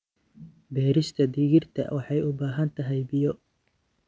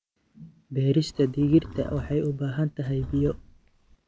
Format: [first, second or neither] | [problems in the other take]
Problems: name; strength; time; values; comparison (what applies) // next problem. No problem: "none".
first | background sound (Livestock, farm animals, working animals); 14 dB below the speech